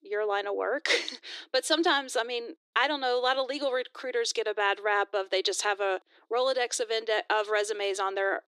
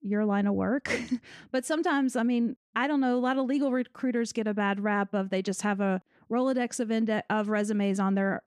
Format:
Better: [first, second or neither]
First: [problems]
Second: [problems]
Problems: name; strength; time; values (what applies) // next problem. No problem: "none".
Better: second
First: thin; very; fading below 300 Hz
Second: none